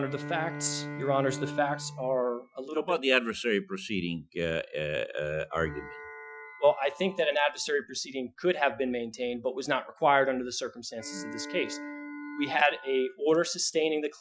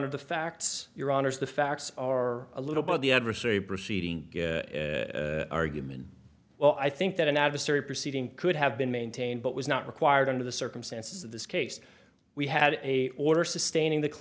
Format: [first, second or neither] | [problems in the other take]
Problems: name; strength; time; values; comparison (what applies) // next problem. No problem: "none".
second | noise reduction (classical method Wiener filter)